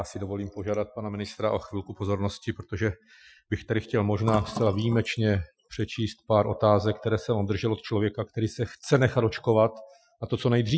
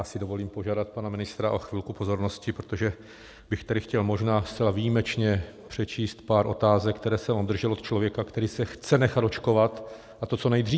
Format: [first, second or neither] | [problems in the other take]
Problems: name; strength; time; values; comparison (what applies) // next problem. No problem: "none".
second | noise reduction (classical method Wiener filter)